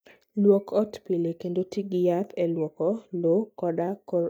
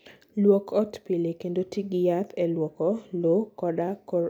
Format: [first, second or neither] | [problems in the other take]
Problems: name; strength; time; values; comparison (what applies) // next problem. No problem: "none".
second | noise reduction (neural mask model DeepFilterNet 3)